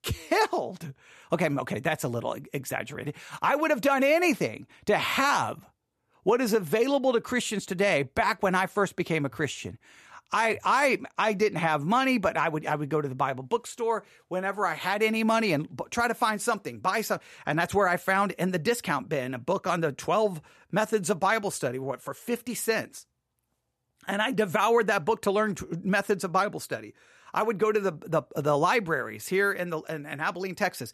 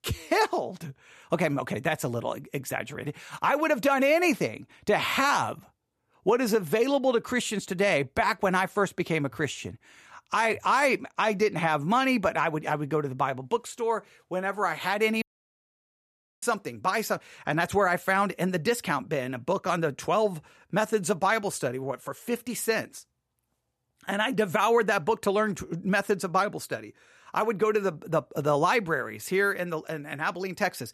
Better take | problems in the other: first | audio cutting out; at 15 s for 1 s

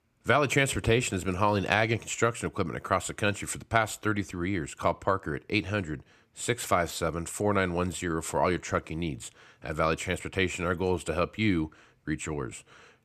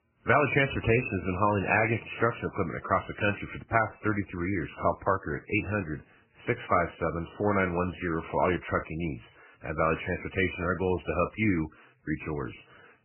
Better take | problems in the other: first | garbled, watery; badly; nothing above 2.5 kHz

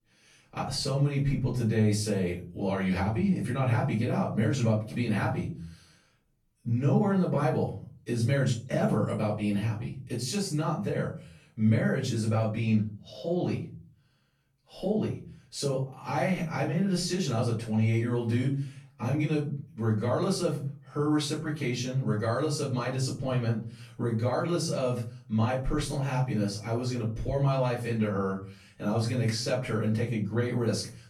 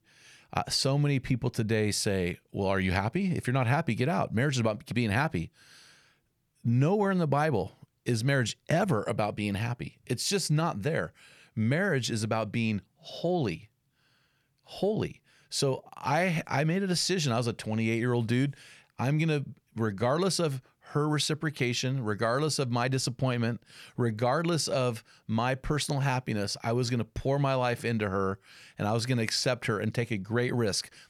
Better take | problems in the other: second | off-mic speech; far // room echo; slight; dies away in 0.4 s

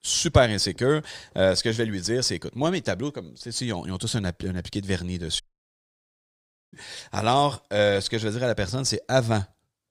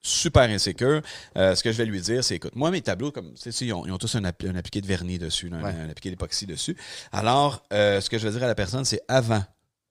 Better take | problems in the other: second | audio cutting out; at 5.5 s for 1.5 s

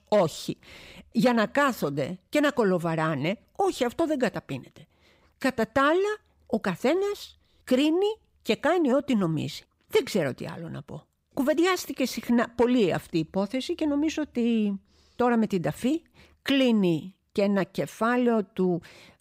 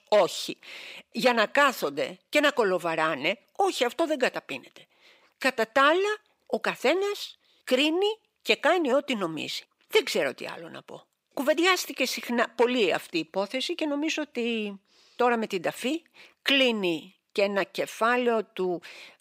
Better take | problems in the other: first | thin; somewhat; fading below 400 Hz

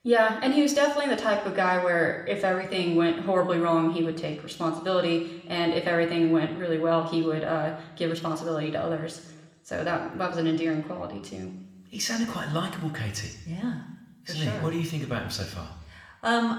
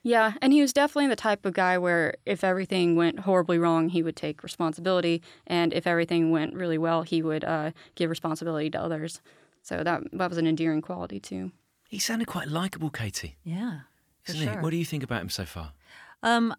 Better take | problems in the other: second | room echo; slight; dies away in 1 s // off-mic speech; somewhat distant

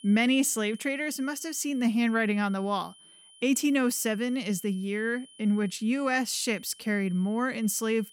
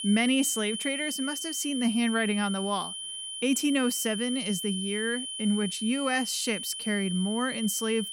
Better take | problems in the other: first | high-pitched whine; loud; throughout; 3 kHz, 5 dB below the speech; faint in the first

